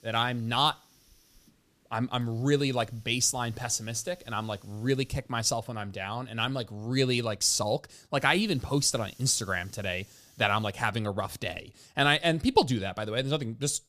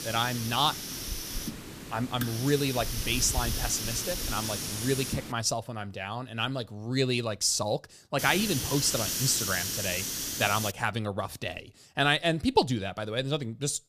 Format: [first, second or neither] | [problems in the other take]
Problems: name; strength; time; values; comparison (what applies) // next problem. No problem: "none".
first | hiss; loud; until 5.5 s and from 8 to 11 s; 3 dB below the speech; faint in the first